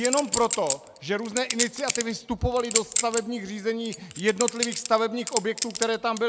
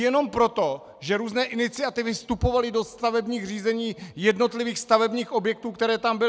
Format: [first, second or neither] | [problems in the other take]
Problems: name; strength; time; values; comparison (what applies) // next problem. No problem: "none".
second | background sound (Chink, clink); 4 dB below the speech